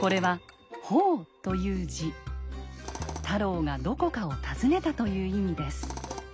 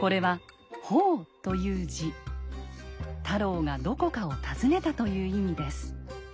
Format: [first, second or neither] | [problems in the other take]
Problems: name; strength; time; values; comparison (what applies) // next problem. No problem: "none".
second | background sound (Tools); 18 dB below the speech